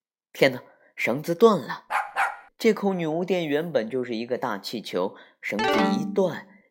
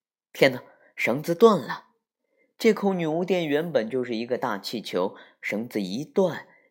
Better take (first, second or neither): second